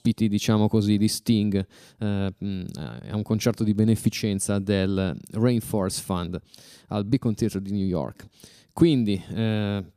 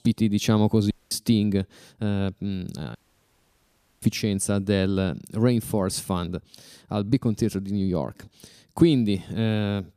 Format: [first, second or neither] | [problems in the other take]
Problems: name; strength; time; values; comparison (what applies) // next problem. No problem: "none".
first | audio cutting out; at 1 s and at 3 s for 1 s